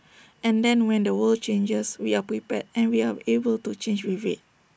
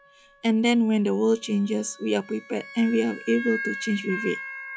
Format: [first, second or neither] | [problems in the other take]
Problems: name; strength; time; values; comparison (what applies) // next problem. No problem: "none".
first | noise reduction (classical method log-MMSE)